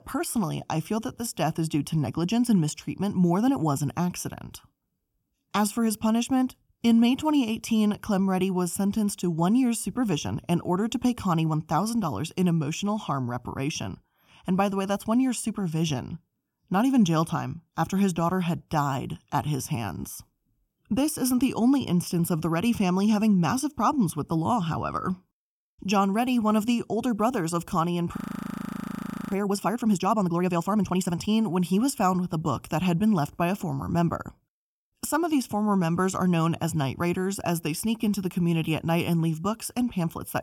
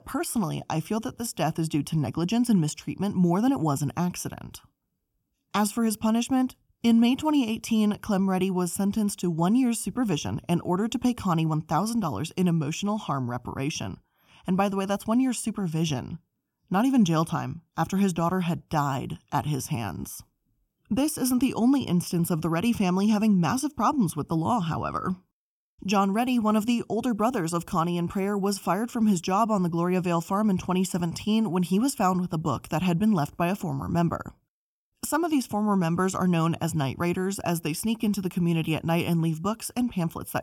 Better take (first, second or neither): second